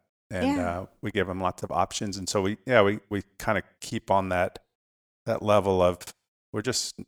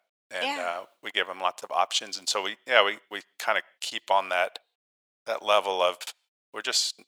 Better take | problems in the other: first | thin; very; fading below 750 Hz

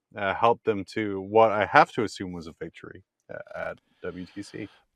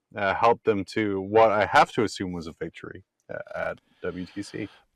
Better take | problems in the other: first | distortion; slight; 10 dB below the speech

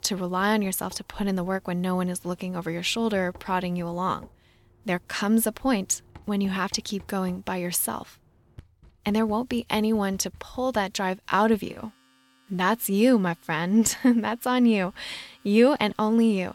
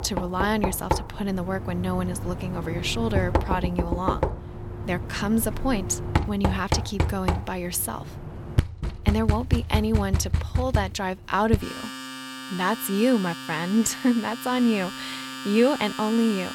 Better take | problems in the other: first | household noises; loud; throughout; 4 dB below the speech; faint in the first

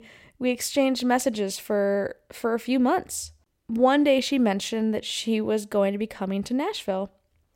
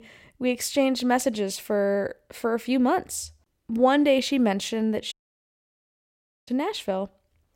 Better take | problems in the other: first | audio cutting out; at 5 s for 1.5 s

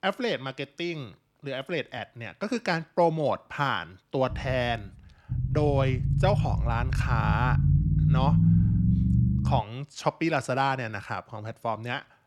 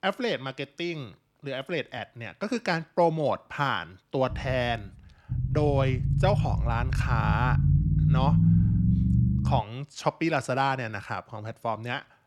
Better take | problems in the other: neither | low rumble; loud; from 4.5 to 9.5 s; 7 dB below the speech; the same in both

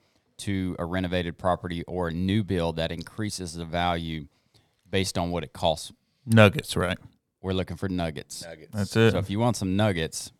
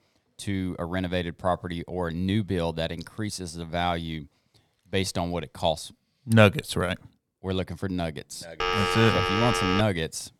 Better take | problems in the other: first | phone ringing; loud; from 8.5 to 10 s; peak 2 dB above the speech

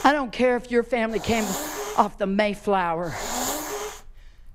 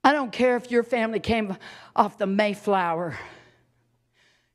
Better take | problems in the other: second | hiss; loud; throughout; 7 dB below the speech

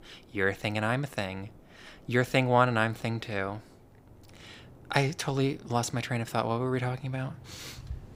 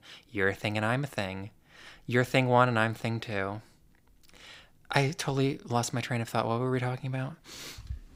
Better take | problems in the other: second | train or aircraft noise; faint; throughout; 25 dB below the speech

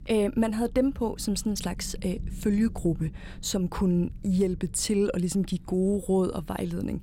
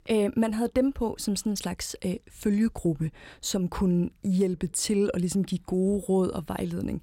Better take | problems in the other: second | low rumble; faint; throughout; 25 dB below the speech

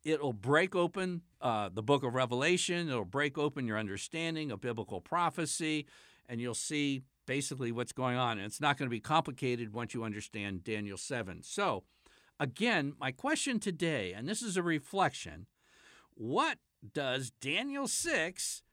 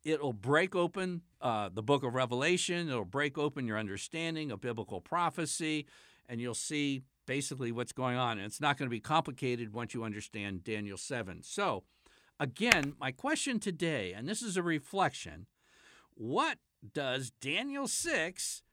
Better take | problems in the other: first | keyboard typing; very faint; at 13 s; peak 6 dB above the speech

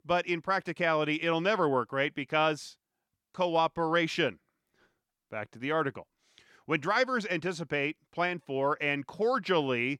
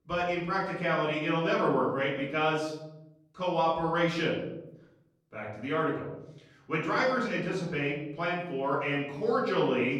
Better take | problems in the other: first | off-mic speech; far // room echo; noticeable; dies away in 1 s

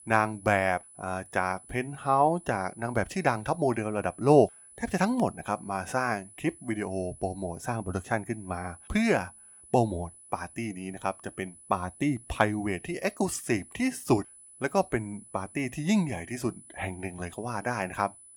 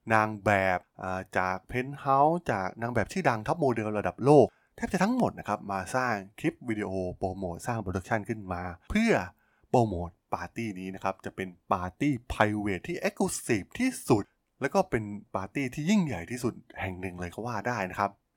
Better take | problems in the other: second | high-pitched whine; noticeable; throughout; 10 kHz, 20 dB below the speech

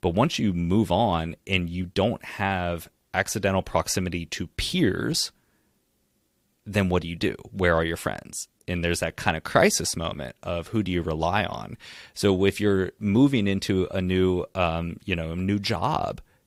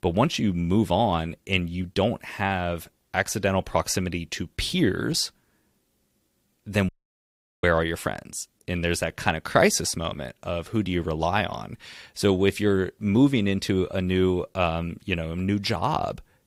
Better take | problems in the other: first | audio cutting out; at 7 s for 0.5 s

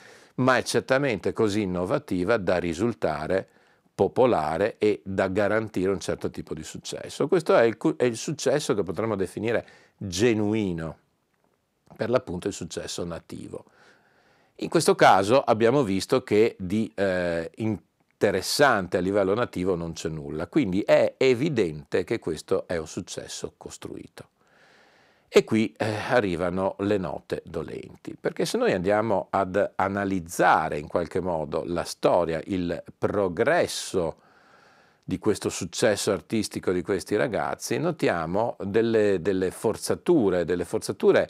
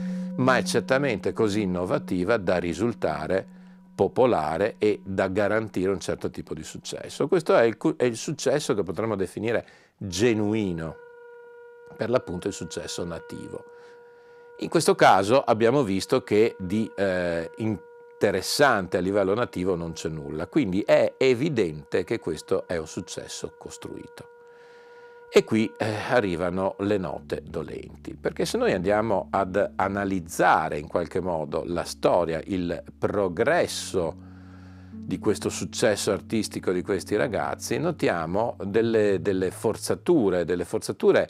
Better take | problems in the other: first | background music; noticeable; throughout; 20 dB below the speech

